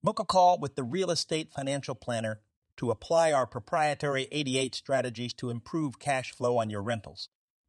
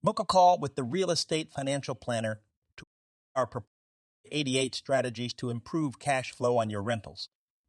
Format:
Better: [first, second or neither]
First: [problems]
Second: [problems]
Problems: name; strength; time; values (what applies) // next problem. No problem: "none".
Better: first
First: none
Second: audio cutting out; at 3 s for 0.5 s and at 3.5 s for 0.5 s